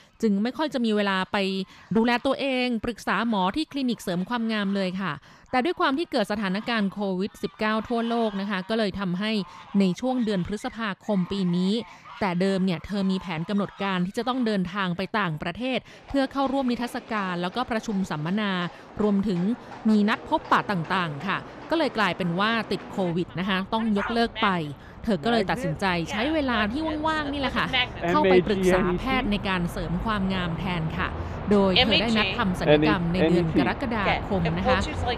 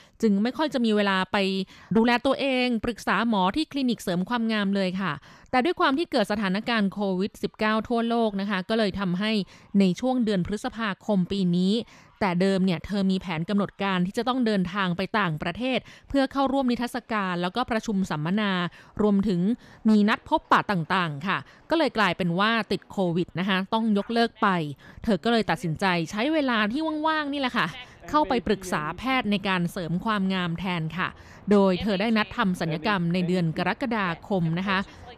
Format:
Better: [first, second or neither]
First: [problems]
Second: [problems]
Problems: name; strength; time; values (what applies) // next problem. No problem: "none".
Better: second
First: animal sounds; loud; throughout; 2 dB below the speech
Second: animal sounds; faint; throughout; 20 dB below the speech